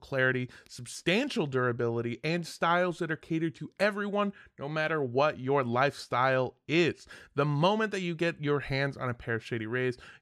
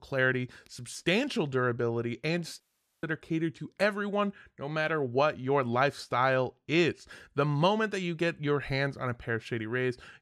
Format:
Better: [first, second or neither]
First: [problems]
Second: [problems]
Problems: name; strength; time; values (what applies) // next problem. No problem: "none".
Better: first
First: none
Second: audio cutting out; at 2.5 s